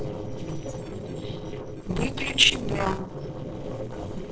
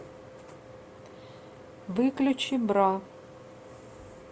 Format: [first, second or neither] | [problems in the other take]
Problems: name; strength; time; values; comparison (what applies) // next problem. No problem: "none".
second | noise reduction (neural separator model SepFormer DNS4)